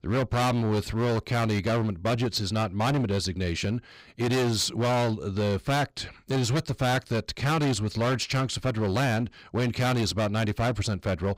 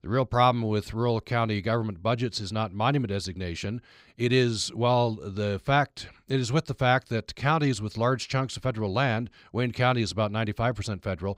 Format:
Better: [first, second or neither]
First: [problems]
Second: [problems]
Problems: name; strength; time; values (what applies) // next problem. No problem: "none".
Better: second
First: distortion; heavy; 22% of the sound clipped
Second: none